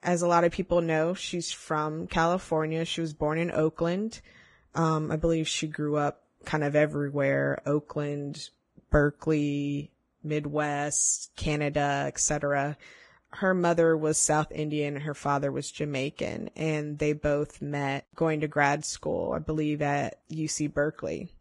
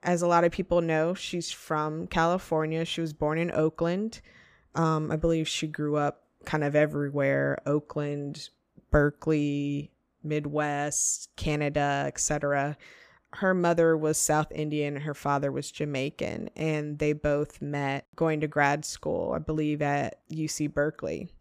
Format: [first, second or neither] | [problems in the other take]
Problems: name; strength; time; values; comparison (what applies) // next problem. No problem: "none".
second | garbled, watery; badly